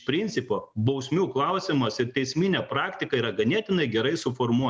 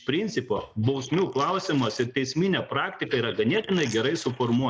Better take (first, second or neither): first